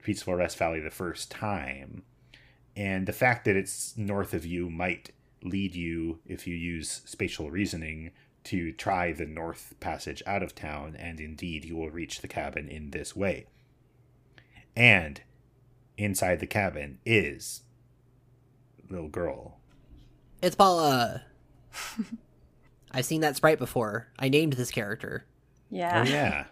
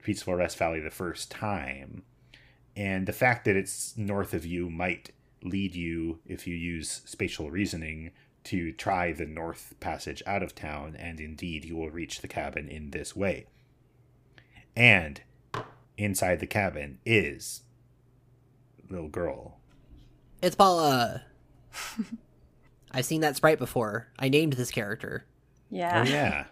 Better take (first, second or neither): first